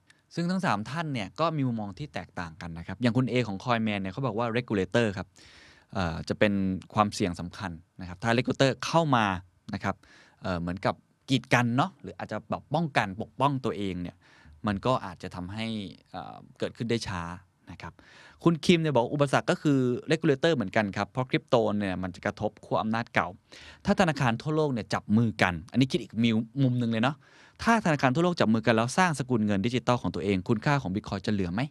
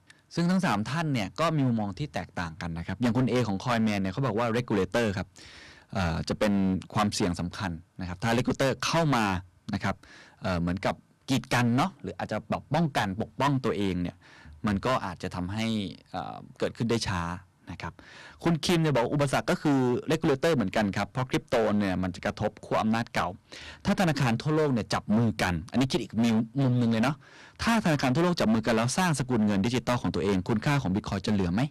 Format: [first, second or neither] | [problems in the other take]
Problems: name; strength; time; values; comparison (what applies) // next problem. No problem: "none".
first | distortion; heavy; 11% of the sound clipped